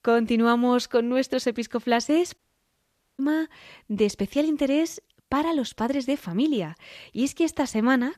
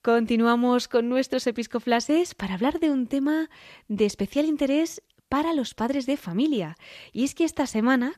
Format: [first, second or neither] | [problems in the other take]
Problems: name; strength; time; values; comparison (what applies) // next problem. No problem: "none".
second | audio cutting out; at 2.5 s for 1 s